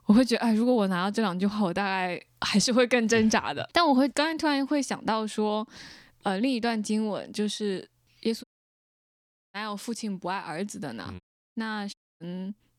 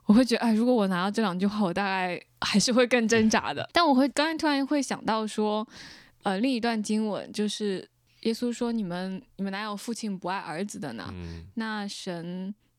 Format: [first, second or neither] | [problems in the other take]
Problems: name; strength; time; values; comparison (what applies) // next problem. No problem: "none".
second | audio cutting out; at 8.5 s for 1 s, at 11 s and at 12 s